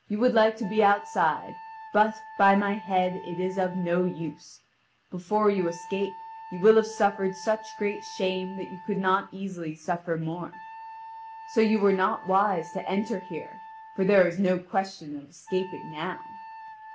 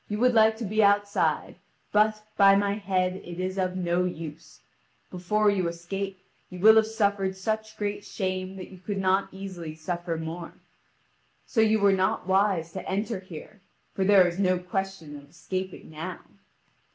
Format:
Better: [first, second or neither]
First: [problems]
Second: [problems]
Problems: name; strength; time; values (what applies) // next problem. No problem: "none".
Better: second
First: background sound (Wind instrument, woodwind instrument); 17 dB below the speech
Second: none